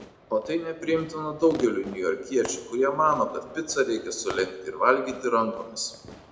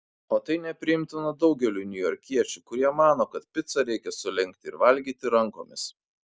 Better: second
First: background sound (Fireworks); 17 dB below the speech // room echo; dies away in 0.6 s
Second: none

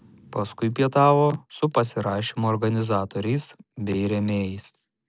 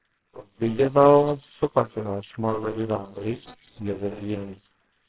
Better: first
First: none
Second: noise reduction (neural separator model SepFormer WHAMR!)

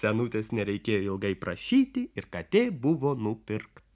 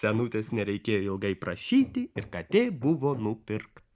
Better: first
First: none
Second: noise reduction (neural mask model Resemble Enhance denoiser)

